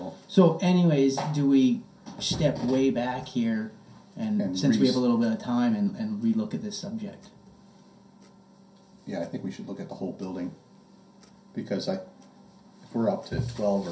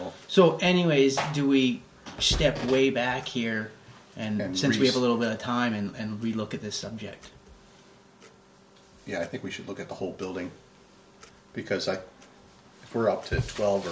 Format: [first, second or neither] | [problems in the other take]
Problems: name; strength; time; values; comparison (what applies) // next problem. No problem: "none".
second | room echo; dies away in 0.3 s